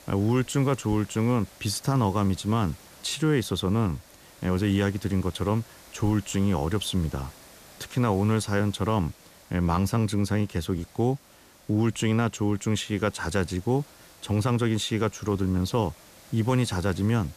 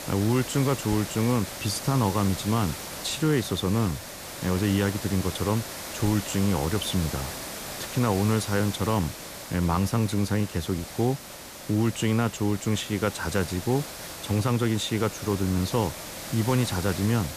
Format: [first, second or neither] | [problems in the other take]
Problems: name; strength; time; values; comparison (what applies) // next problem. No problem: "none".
first | hiss; loud; throughout; 9 dB below the speech; faint in the first